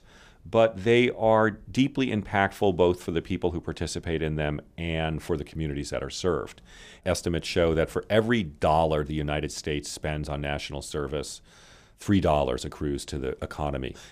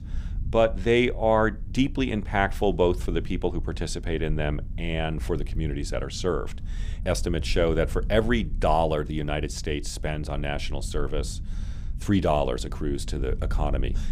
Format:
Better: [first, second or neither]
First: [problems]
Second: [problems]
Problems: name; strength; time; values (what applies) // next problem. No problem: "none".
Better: first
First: none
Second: low rumble; faint; throughout; 25 dB below the speech